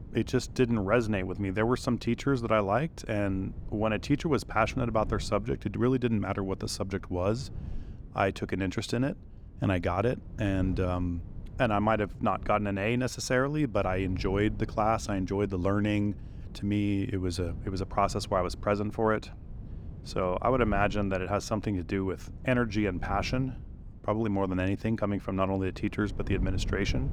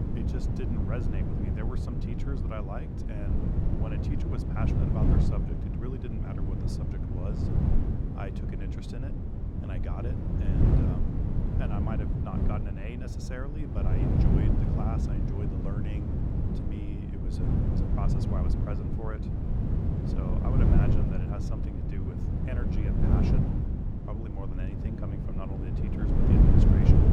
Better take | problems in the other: first | wind noise on the microphone; heavy; 4 dB above the speech; occasional gusts in the first

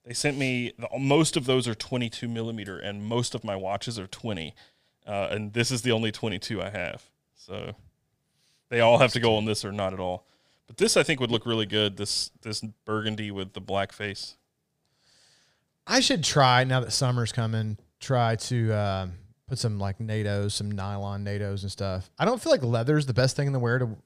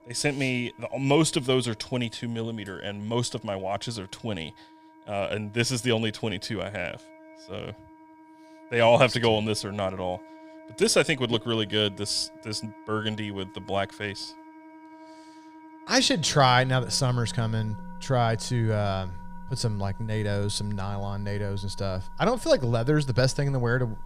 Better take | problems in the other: first | background music; faint; throughout; 20 dB below the speech

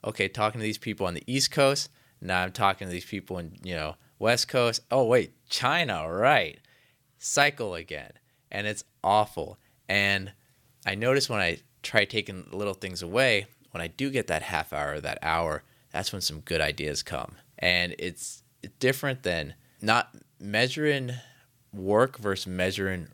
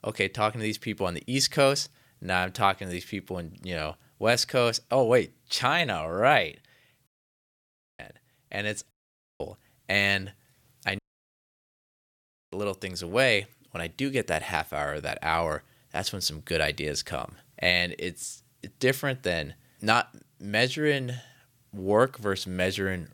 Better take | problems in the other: first | audio cutting out; at 7 s for 1 s, at 9 s and at 11 s for 1.5 s

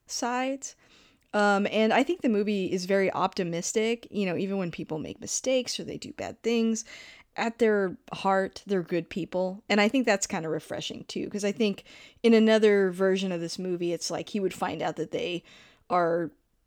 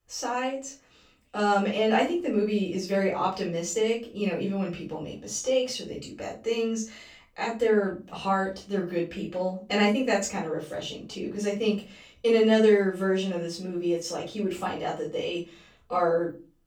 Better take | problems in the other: first | off-mic speech; far // room echo; slight; dies away in 0.3 s

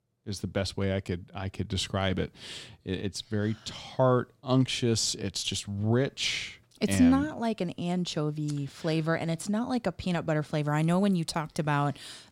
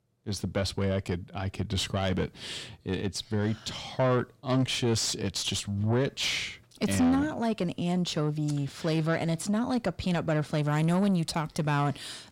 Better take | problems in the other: first | distortion; slight; 10 dB below the speech

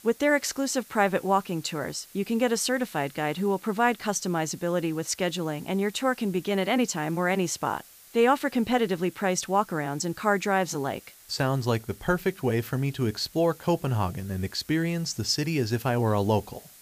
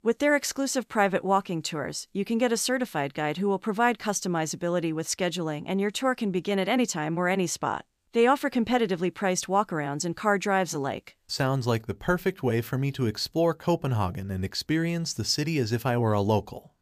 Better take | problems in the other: second | hiss; faint; throughout; 20 dB below the speech

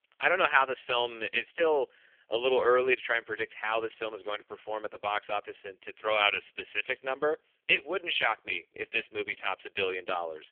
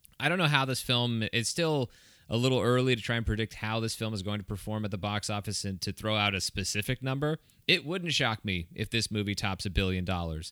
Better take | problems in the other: second | phone-call audio; poor line; nothing above 3.5 kHz

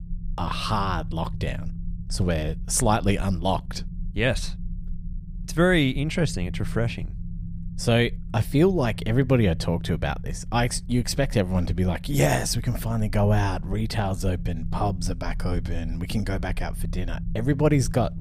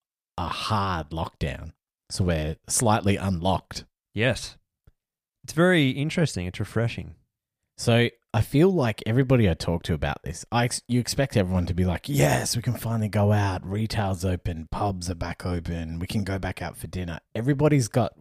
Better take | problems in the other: second | low rumble; faint; throughout; 20 dB below the speech

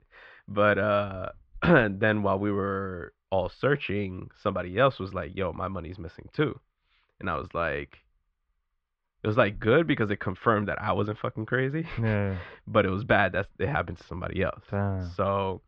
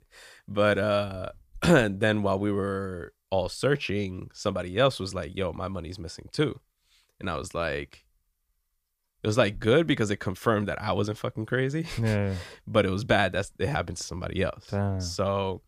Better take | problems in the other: second | muffled; very; fading above 3 kHz

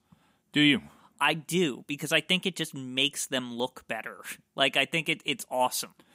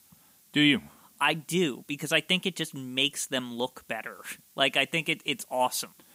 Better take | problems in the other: first | hiss; faint; throughout; 30 dB below the speech

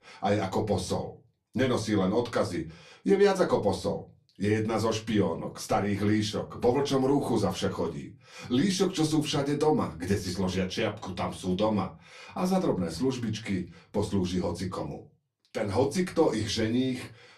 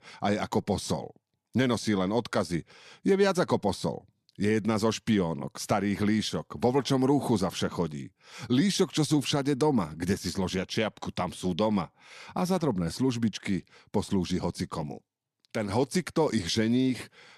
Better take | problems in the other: second | off-mic speech; far // room echo; very slight; dies away in 0.2 s

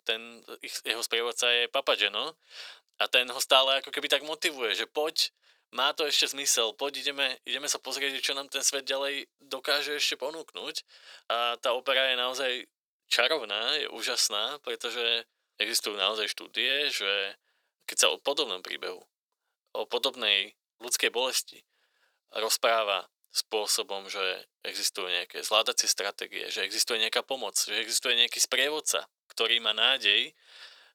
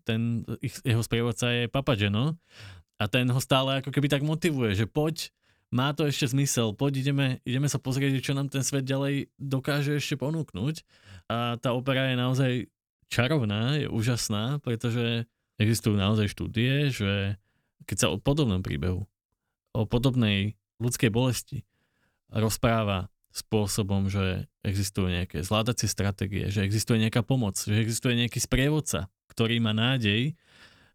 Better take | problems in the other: second | thin; very; fading below 500 Hz

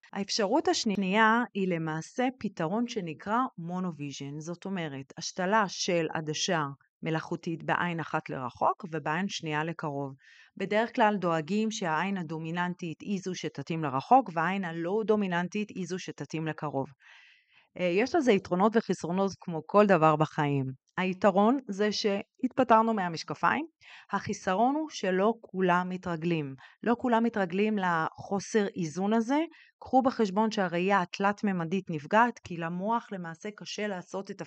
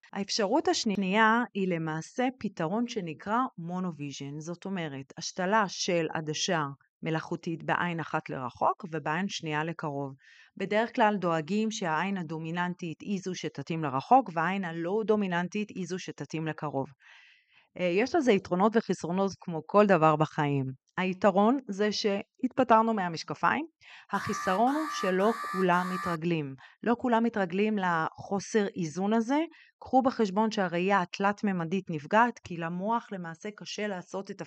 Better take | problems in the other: first | alarm; noticeable; from 24 to 26 s; peak 6 dB below the speech

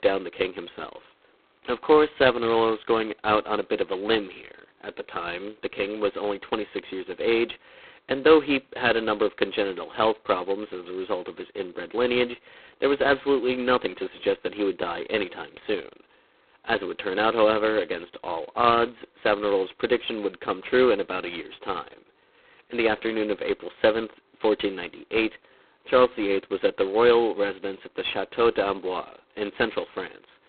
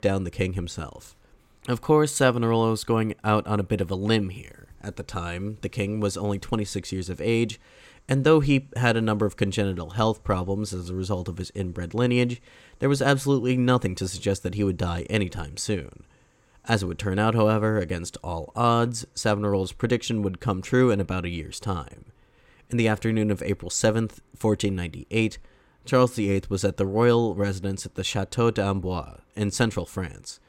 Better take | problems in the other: second | phone-call audio; poor line; nothing above 4 kHz

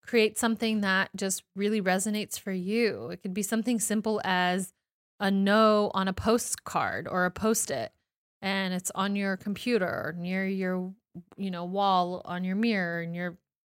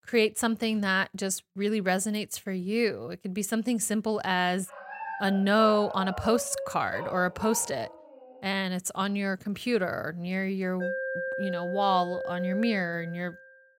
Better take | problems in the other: first | dog barking; noticeable; from 4.5 to 8.5 s; peak 7 dB below the speech // alarm; noticeable; from 11 to 13 s; peak 3 dB below the speech

